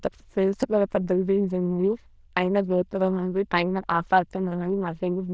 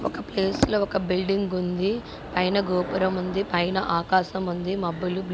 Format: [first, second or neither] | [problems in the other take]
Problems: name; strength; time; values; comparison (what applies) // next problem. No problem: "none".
second | noise reduction (neural diffusion model UNIVERSE++)